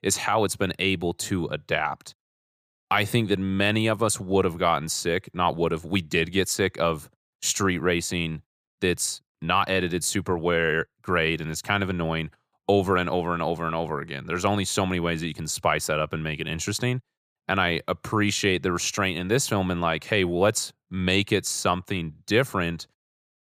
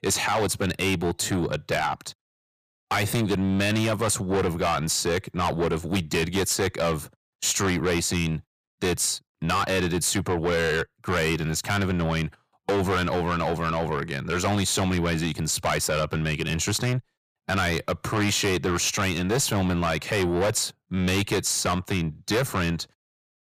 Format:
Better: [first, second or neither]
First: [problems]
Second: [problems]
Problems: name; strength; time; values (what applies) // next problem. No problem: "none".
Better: first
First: none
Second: distortion; heavy; 6 dB below the speech